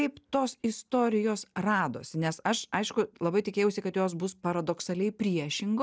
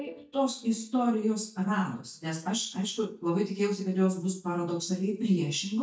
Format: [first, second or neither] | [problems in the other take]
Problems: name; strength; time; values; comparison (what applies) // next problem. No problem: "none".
first | noise reduction (neural mask model DeepFilterNet 3)